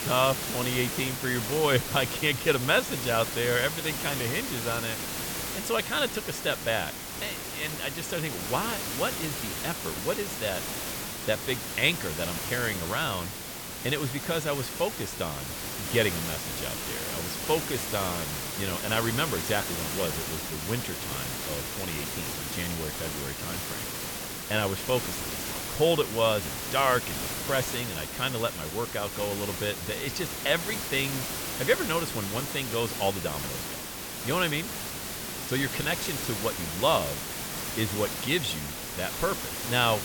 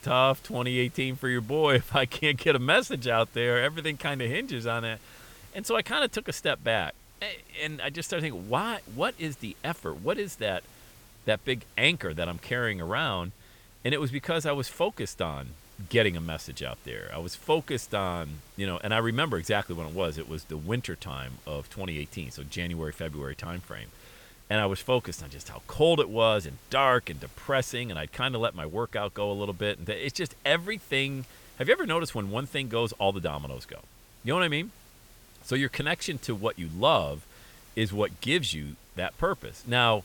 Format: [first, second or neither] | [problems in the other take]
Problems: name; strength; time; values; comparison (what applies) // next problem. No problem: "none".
second | hiss; loud; throughout; 3 dB below the speech; faint in the second